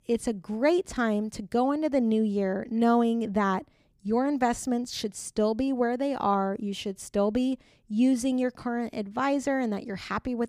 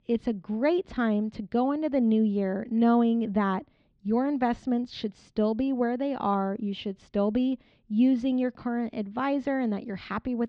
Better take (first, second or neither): first